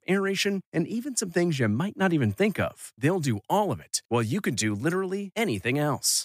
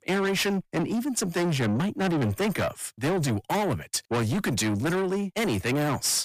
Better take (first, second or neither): first